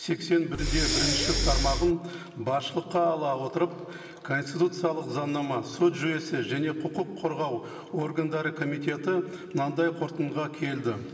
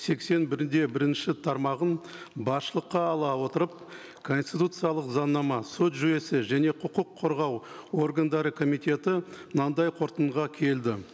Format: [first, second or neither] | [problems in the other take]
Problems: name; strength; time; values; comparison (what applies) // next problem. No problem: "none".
second | background sound (Breathing); 2 dB above the speech // room echo; dies away in 2.4 s